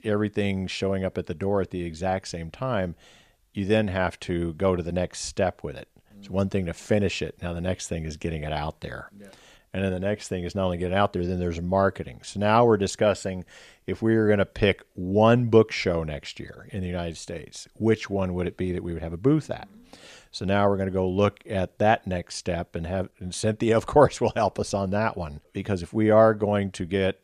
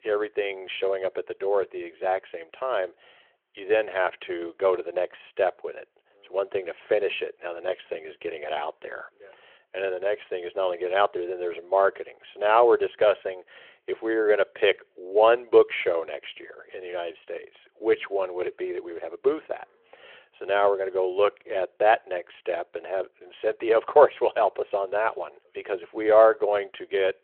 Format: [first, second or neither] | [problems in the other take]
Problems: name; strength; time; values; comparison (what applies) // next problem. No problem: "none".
first | phone-call audio